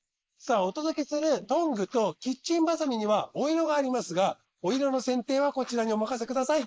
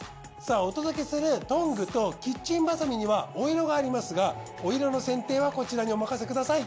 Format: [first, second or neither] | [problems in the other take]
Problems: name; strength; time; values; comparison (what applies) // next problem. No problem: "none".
second | noise reduction (neural mask model Resemble Enhance denoiser)